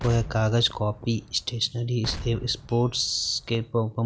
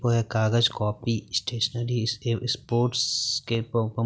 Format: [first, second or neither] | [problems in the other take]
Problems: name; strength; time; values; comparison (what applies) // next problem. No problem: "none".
second | background sound (Explosion); 14 dB below the speech